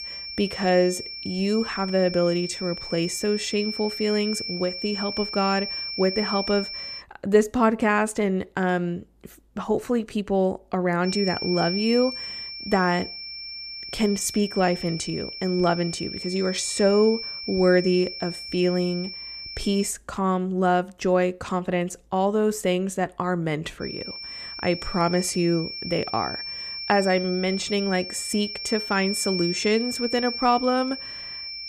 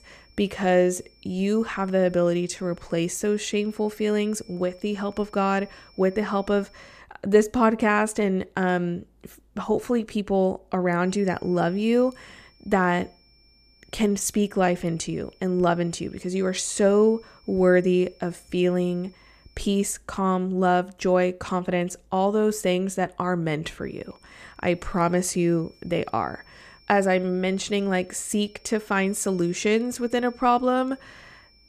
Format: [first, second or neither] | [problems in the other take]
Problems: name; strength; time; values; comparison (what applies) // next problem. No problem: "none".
second | high-pitched whine; loud; until 7 s, from 11 to 20 s and from 24 s on; 5.5 kHz, 7 dB below the speech; faint in the second